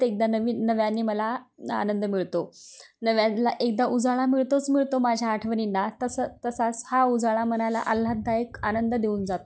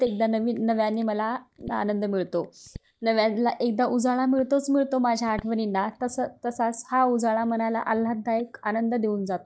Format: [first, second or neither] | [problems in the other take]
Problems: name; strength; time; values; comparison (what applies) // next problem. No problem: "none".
first | noise reduction (neural mask model DeepFilterNet 3)